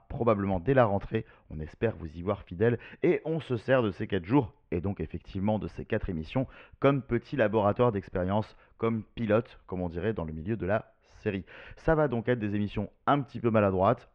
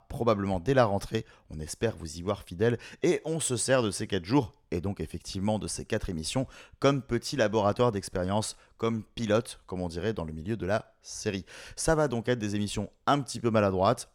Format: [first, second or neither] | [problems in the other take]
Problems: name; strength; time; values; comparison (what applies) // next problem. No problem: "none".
second | muffled; very; fading above 2.5 kHz